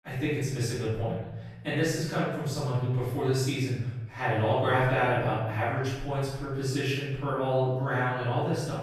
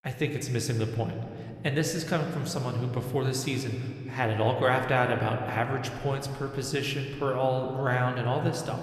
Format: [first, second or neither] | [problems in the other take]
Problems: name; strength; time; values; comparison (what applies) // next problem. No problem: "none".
second | room echo; strong; dies away in 0.9 s; slight in the second // off-mic speech; far